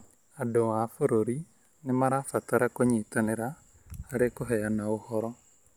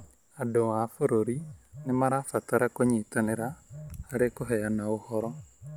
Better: first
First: none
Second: background sound (Telephone); 20 dB below the speech

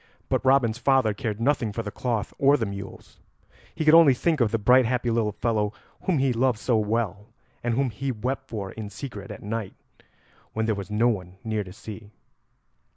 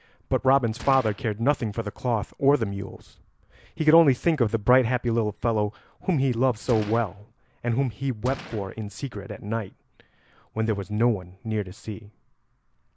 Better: first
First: none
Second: background sound (Gunshot, gunfire); 18 dB below the speech

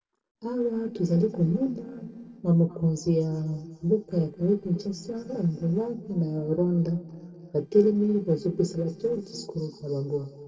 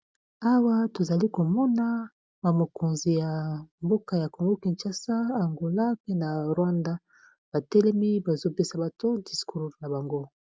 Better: second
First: noise reduction (neural separator model SepFormer DNS4)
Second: none

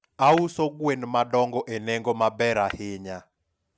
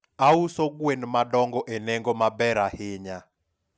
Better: second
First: background sound (Shatter); 19 dB below the speech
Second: none

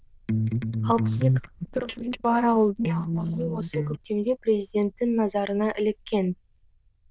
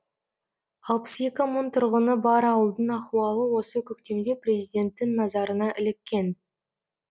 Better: second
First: noise reduction (neural diffusion model UNIVERSE++)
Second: none

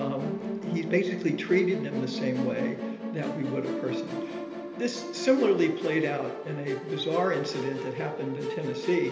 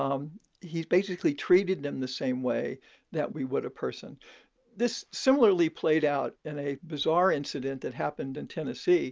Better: second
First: background sound (Musical instrument); 5 dB below the speech // room echo; dies away in 1.4 s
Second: none

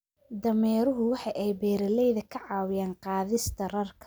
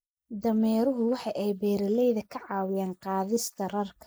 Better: first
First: none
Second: noise reduction (neural mask model Resemble Enhance denoiser)

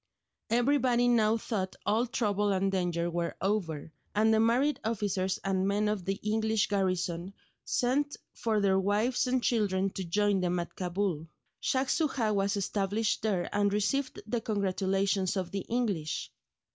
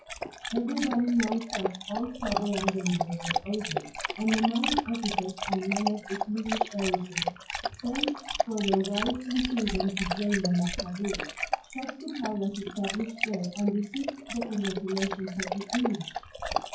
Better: first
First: none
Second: noise reduction (classical method WPE with log-MMSE)

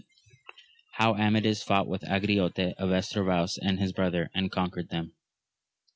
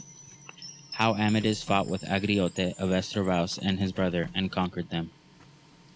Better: first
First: none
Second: background sound (Chime + Printer); 18 dB below the speech

